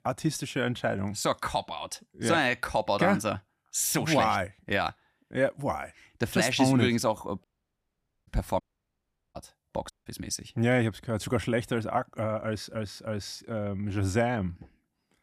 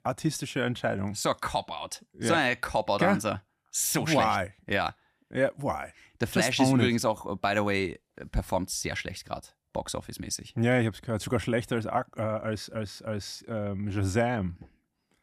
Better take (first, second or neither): second